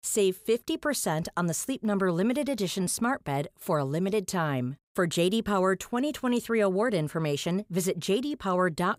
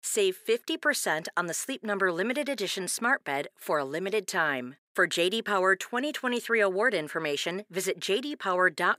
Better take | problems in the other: first | thin; somewhat; fading below 350 Hz

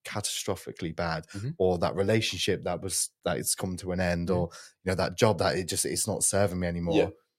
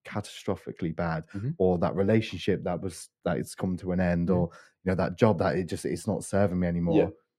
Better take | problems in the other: first | muffled; slightly; fading above 3 kHz

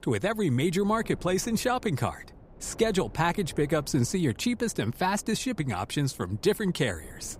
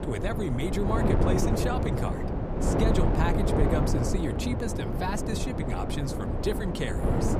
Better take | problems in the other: first | wind noise on the microphone; heavy; 1 dB above the speech; occasional gusts in the first

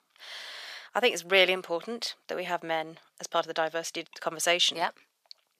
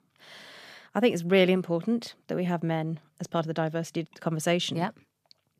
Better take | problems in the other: second | thin; very; fading below 650 Hz

